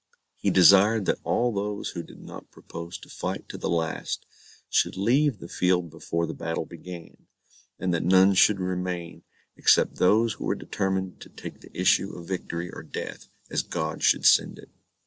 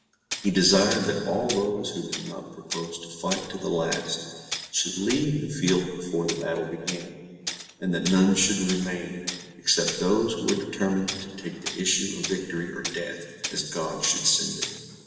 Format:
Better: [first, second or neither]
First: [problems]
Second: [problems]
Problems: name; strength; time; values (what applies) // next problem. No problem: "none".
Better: first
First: none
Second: background sound (Tools); 11 dB below the speech // room echo; dies away in 1.6 s